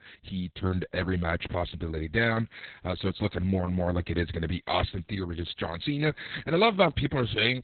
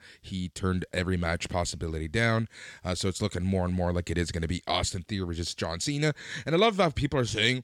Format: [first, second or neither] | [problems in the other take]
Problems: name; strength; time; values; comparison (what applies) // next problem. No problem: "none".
second | garbled, watery; badly; nothing above 4 kHz